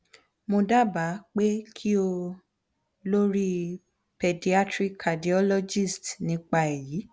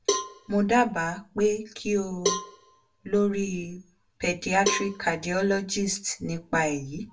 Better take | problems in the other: first | background sound (Cowbell); 7 dB below the speech // room echo; dies away in 0.2 s

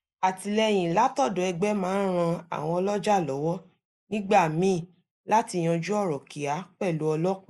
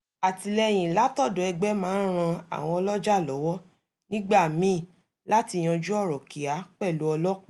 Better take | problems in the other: second | noise reduction (neural mask model Resemble Enhance denoiser)

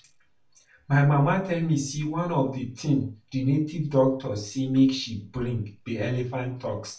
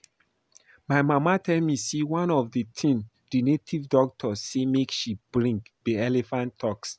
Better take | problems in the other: second | room echo; dies away in 0.3 s

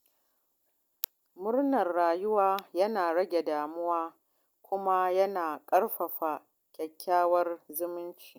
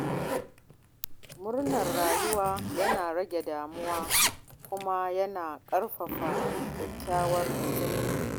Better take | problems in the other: first | background sound (Zipper (clothing)); as loud as the speech

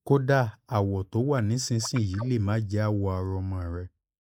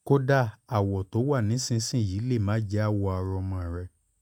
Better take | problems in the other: second | noise reduction (neural mask model Resemble Enhance denoiser)

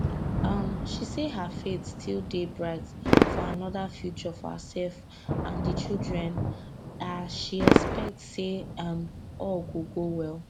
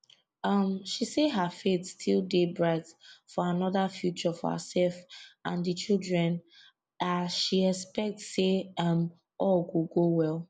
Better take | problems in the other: second | background sound (Thunder / Rain + Fireworks); 4 dB above the speech

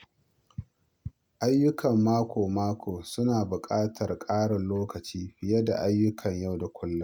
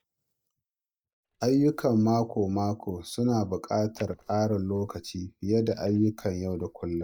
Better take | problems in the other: first | noise reduction (neural mask model DeepFilterNet 3)

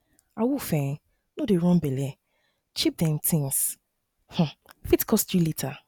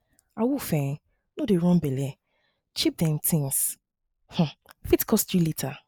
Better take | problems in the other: first | noise reduction (neural mask model Resemble Enhance denoiser)

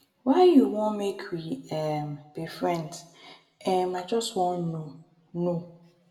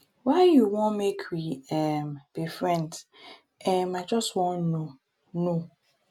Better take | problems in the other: second | room echo; dies away in 0.8 s

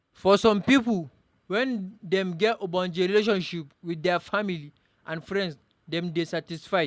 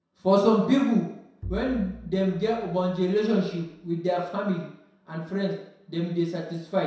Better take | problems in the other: first | background sound (Bowed string instrument); 16 dB below the speech // room echo; dies away in 0.7 s

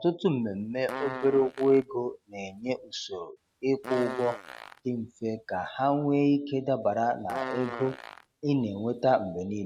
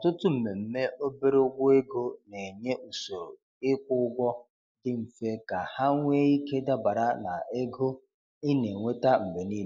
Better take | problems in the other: second | noise reduction (neural mask model RNNoise)

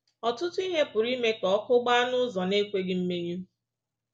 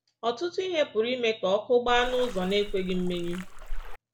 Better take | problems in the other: first | background sound (Splash, splatter); 5 dB below the speech

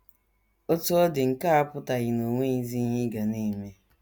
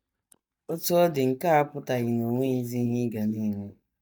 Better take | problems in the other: first | noise reduction (neural mask model DeepFilterNet 3)

